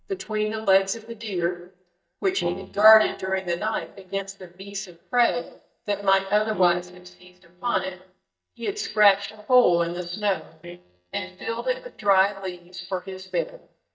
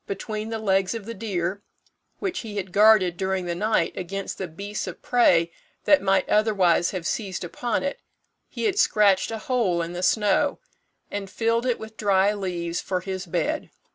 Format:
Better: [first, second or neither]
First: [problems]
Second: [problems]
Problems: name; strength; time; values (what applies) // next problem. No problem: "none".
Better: second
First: noise reduction (neural mask model DeepFilterNet 3)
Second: none